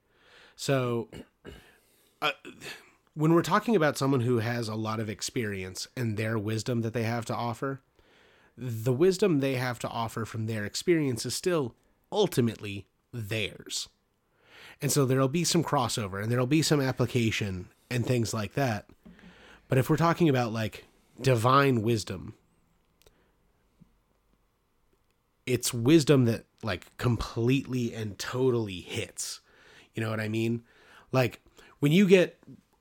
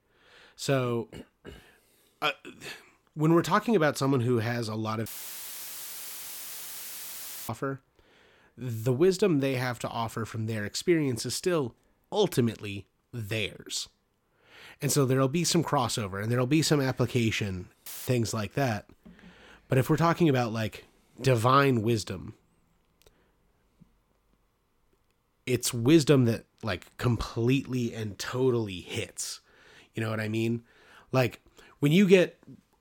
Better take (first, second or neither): first